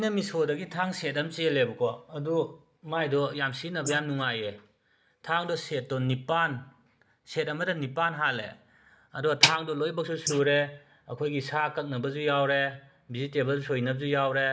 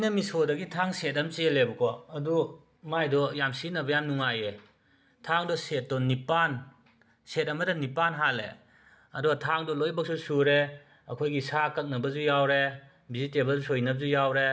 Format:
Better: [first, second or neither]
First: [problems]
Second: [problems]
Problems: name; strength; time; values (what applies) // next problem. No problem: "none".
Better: second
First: noise reduction (neural mask model Resemble Enhance denoiser)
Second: none